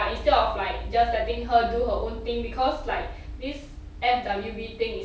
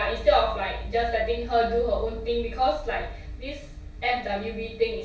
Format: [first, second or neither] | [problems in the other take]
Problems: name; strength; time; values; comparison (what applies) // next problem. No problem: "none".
first | room echo; dies away in 0.1 s